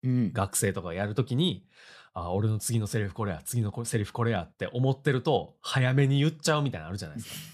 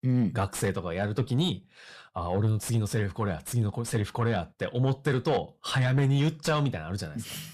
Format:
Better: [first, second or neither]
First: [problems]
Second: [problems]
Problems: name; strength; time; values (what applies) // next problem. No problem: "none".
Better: first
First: none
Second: distortion; slight; 10 dB below the speech